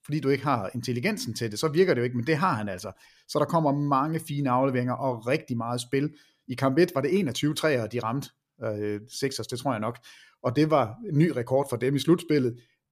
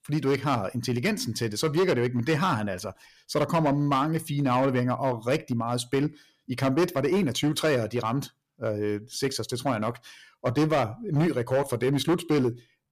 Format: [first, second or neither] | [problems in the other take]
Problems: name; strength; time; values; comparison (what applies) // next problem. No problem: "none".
first | distortion; slight; 8% of the sound clipped